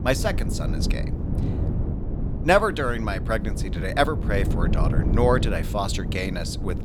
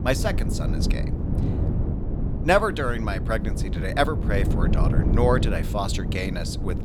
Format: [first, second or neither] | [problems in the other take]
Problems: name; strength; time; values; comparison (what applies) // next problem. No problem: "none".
first | wind noise on the microphone; heavy; 10 dB below the speech; occasional gusts in the first